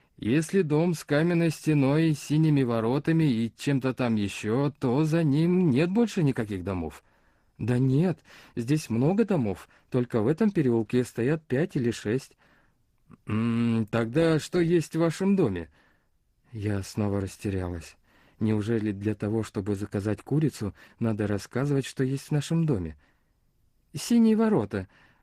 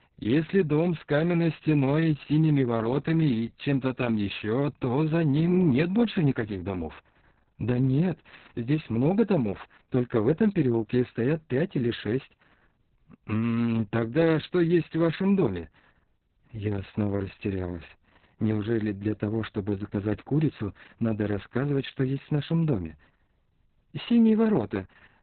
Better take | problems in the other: first | garbled, watery; badly; nothing above 4 kHz; slightly in the first

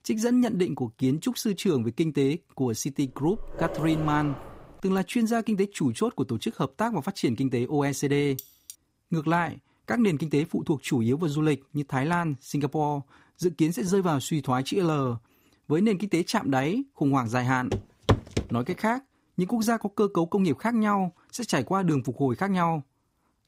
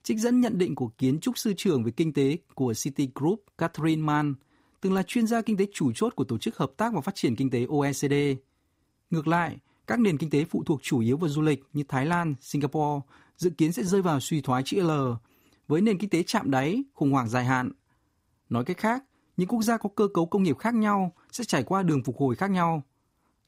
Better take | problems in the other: second | dog barking; noticeable; from 3 to 5 s; peak 8 dB below the speech // clattering dishes; faint; at 8.5 s; peak 15 dB below the speech // footsteps; loud; at 18 s; peak 1 dB above the speech

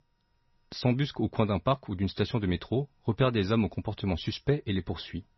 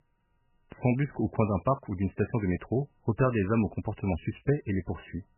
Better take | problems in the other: first | garbled, watery; badly; nothing above 2.5 kHz; slightly in the first

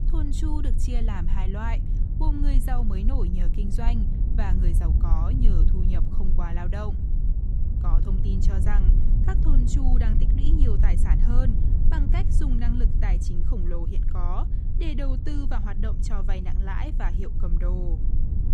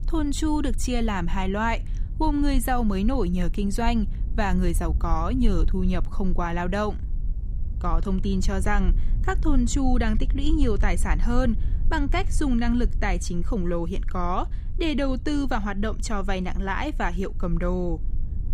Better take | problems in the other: second | low rumble; loud; throughout; 4 dB below the speech; faint in the second

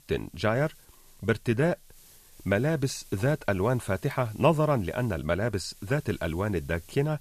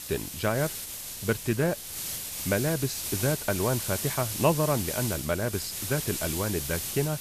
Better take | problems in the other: first | hiss; loud; throughout; 3 dB below the speech; faint in the first

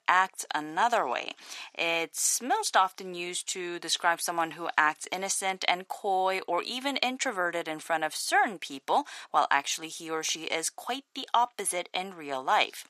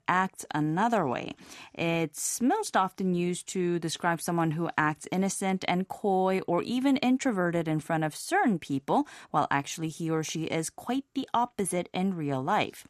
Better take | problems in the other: second | thin; very; fading below 650 Hz

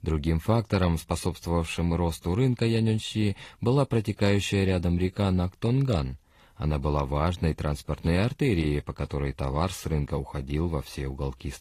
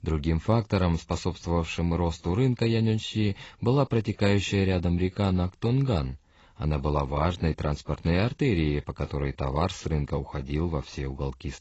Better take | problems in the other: first | garbled, watery; badly; nothing above 7.5 kHz; slightly in the first

